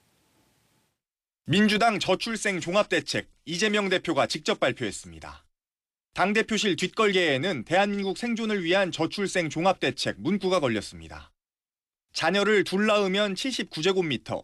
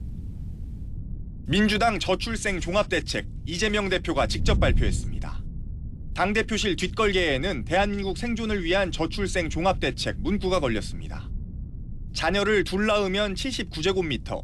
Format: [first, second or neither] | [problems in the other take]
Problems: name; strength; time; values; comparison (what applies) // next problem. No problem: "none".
first | wind noise on the microphone; occasional gusts; 25 dB below the speech